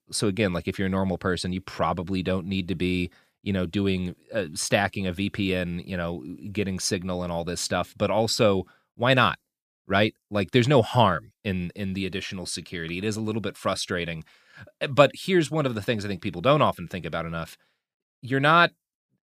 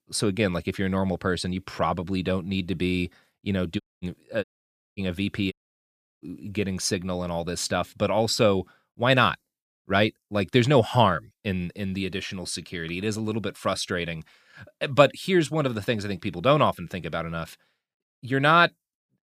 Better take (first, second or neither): first